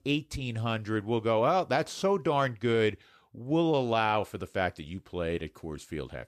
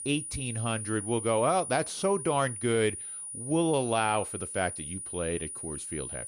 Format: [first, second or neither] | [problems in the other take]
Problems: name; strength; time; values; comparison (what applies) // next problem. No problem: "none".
first | high-pitched whine; loud; throughout; 9.5 kHz, 7 dB below the speech